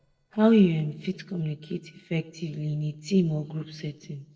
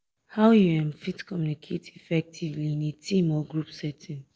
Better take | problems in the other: second | noise reduction (neural separator model SepFormer DNS4)

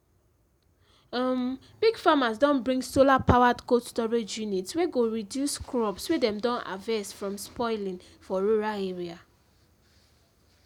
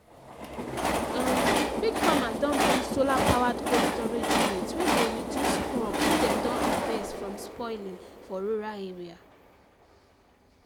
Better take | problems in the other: first | background sound (Train); 4 dB above the speech

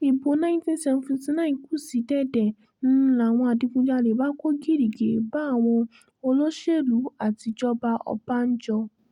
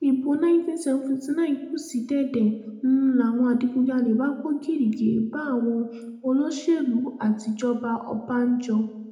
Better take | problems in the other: first | room echo; dies away in 0.5 s

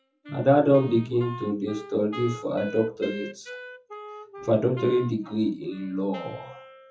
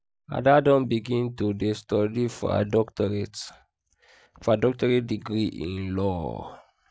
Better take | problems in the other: second | noise reduction (classical method WPE with log-MMSE)

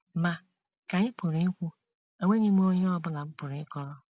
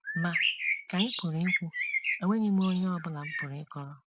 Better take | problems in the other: first | background sound (Bird); 2 dB below the speech

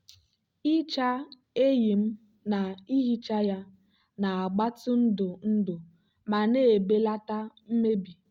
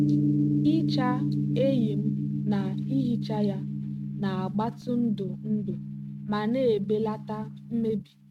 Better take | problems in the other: first | noise reduction (neural mask model RNNoise)

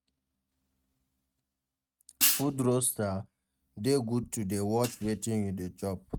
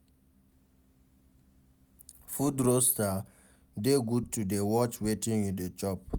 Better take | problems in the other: second | noise reduction (neural mask model RNNoise)

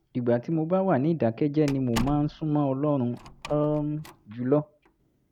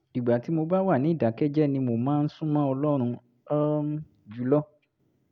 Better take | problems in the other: second | background sound (Slam); 16 dB below the speech

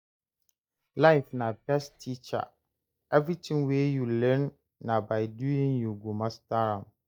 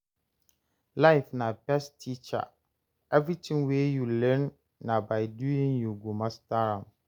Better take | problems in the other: second | noise reduction (neural mask model DeepFilterNet 3)

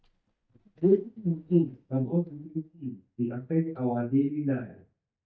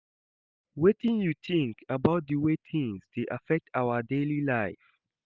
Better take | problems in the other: second | noise reduction (neural mask model DeepFilterNet 3)

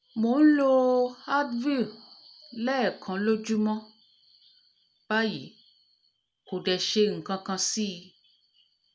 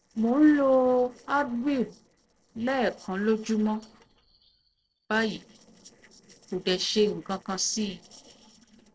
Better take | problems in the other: first | noise reduction (neural separator model SepFormer DNS4)

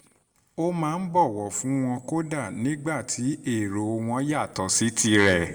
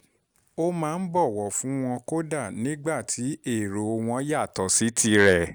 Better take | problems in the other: second | room echo; dies away in 1.1 s

